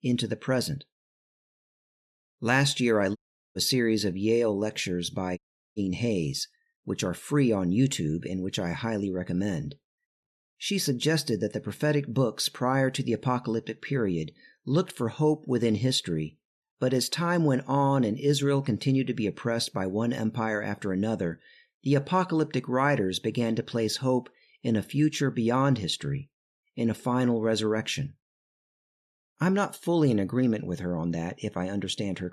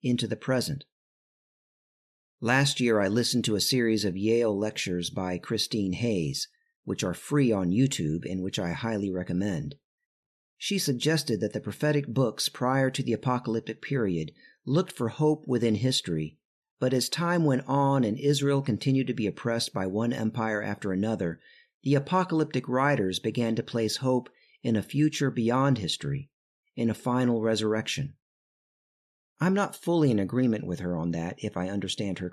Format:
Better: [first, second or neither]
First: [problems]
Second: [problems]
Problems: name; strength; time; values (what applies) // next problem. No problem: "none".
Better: second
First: audio cutting out; at 3 s and at 5.5 s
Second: none